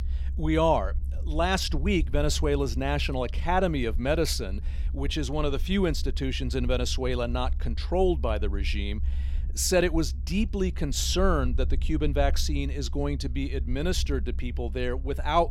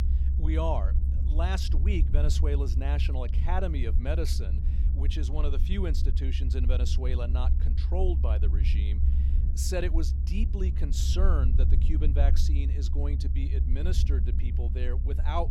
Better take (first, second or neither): first